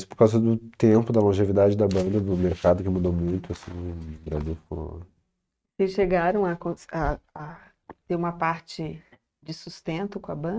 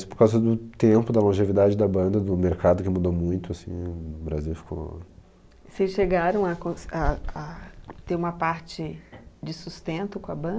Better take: second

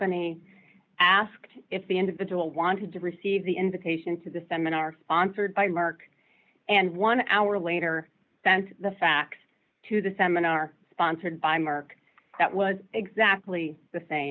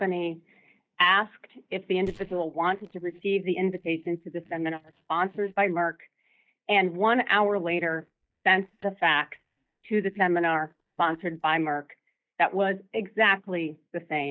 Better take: first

